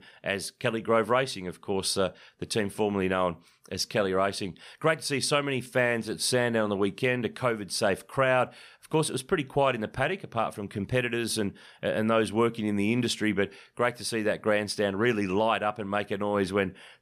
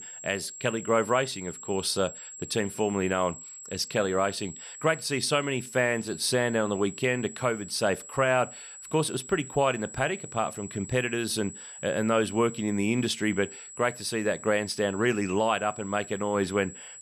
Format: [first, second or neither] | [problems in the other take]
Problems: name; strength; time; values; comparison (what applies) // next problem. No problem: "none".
first | high-pitched whine; noticeable; throughout; 7.5 kHz, 15 dB below the speech